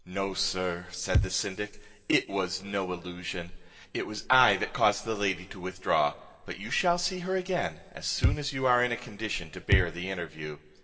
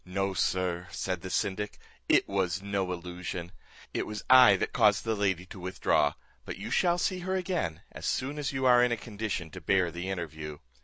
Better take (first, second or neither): second